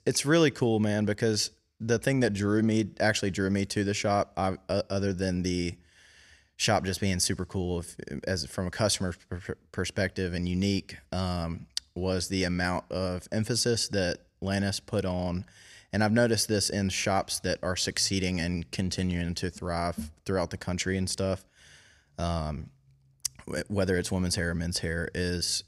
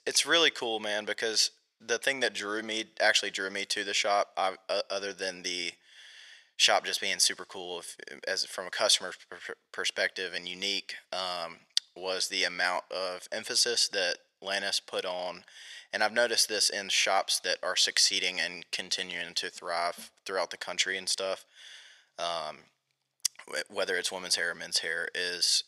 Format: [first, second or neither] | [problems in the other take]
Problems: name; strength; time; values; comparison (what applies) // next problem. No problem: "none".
first | thin; very; fading below 700 Hz